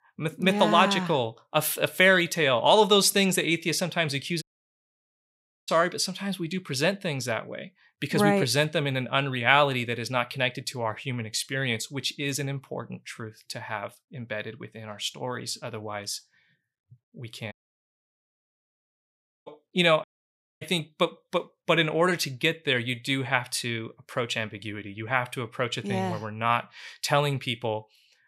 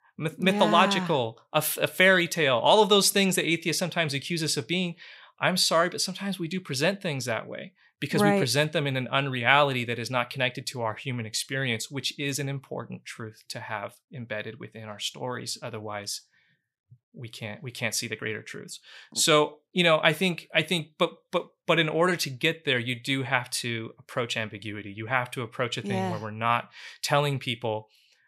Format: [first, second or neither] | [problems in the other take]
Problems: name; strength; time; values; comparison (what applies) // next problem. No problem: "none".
second | audio cutting out; at 4.5 s for 1.5 s, at 18 s for 2 s and at 20 s for 0.5 s